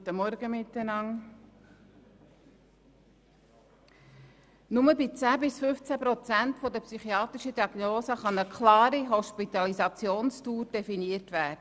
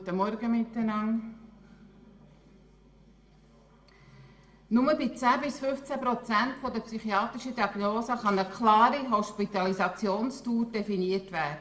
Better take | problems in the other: first | room echo; dies away in 0.7 s

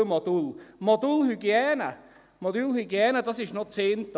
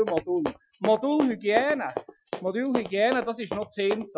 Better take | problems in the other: first | noise reduction (classical method Wiener filter)

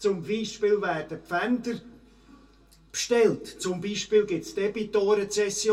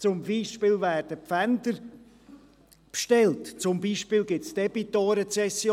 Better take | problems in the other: second | room echo; dies away in 0.2 s

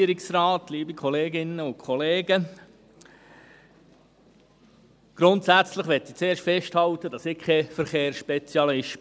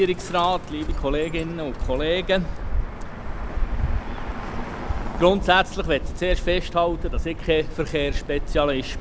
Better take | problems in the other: first | background sound (Bird); 2 dB below the speech

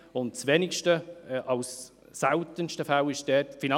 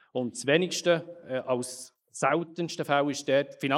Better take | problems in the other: first | noise reduction (neural mask model Resemble Enhance denoiser)

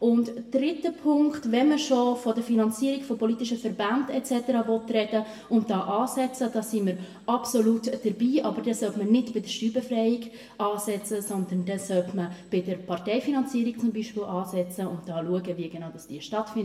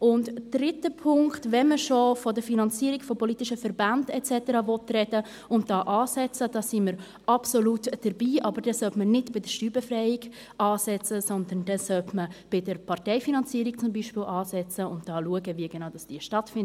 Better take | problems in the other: second | room echo; dies away in 0.8 s

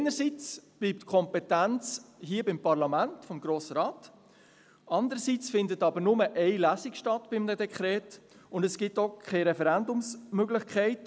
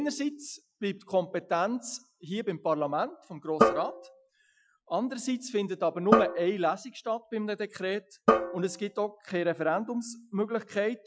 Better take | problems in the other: first | noise reduction (classical method Wiener filter)

